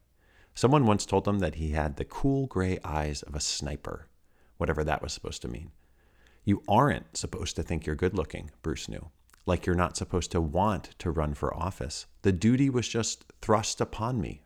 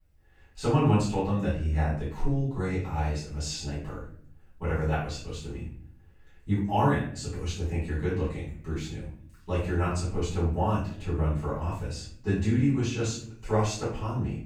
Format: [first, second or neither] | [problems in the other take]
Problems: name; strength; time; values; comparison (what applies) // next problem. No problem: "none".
first | off-mic speech; far // room echo; noticeable; dies away in 0.6 s